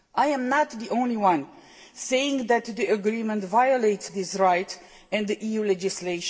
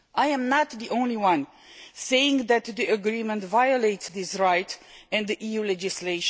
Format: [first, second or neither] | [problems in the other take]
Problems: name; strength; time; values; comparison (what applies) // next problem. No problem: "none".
second | room echo; dies away in 1 s